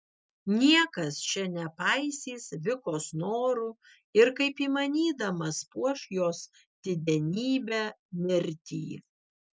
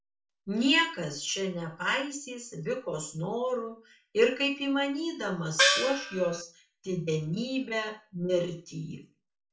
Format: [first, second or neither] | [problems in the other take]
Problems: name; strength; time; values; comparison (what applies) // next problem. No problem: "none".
first | background sound (Gong); 4 dB above the speech // room echo; dies away in 0.3 s